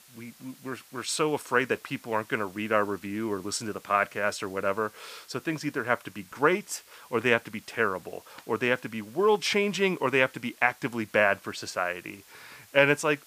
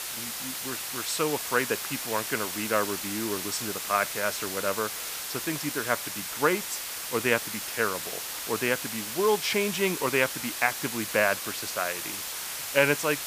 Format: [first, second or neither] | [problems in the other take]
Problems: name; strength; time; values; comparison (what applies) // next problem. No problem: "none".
first | hiss; loud; throughout; 3 dB below the speech; faint in the first